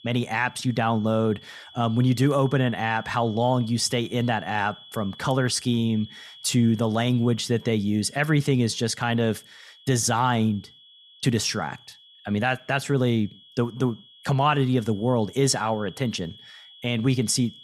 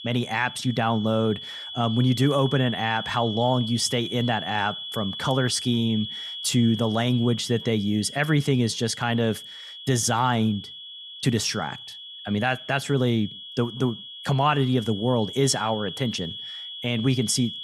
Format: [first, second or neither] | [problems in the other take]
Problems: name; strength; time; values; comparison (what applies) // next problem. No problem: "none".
first | high-pitched whine; loud; throughout; 3.5 kHz, 10 dB below the speech; faint in the first